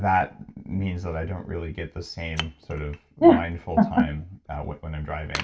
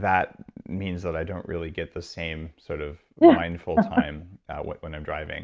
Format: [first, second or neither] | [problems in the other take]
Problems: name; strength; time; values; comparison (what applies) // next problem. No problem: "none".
second | background sound (Wood); 18 dB below the speech // room echo; dies away in 0.2 s